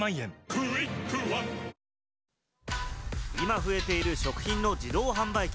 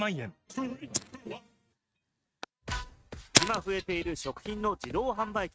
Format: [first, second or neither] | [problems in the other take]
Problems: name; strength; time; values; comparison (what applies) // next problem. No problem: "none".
first | noise reduction (neural mask model RNNoise)